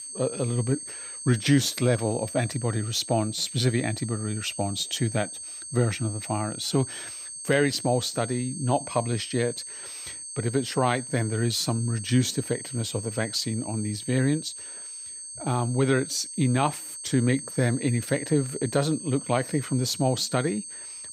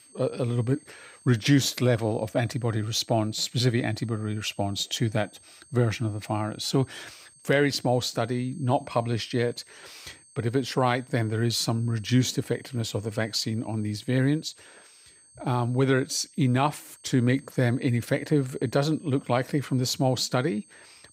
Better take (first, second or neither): second